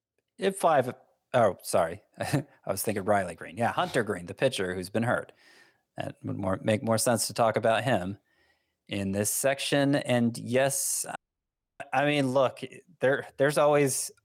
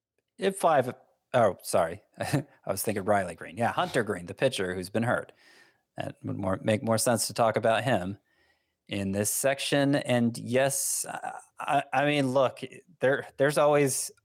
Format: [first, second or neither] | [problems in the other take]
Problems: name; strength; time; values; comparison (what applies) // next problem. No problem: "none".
second | audio cutting out; at 11 s for 0.5 s